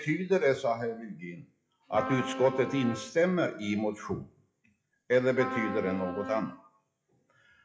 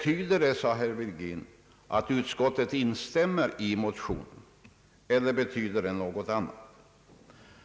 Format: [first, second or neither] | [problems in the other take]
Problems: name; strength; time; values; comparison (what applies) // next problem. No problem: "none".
second | noise reduction (classical method WPE with log-MMSE)